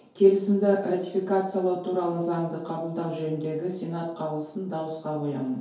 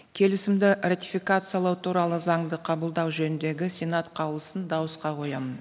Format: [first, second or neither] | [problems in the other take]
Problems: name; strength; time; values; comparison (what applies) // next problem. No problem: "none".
second | room echo; dies away in 2.4 s